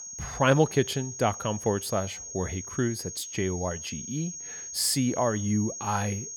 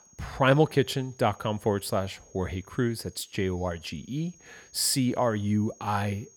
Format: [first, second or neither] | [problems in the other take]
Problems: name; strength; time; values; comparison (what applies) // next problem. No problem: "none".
second | high-pitched whine; loud; throughout; 6.5 kHz, 8 dB below the speech; faint in the second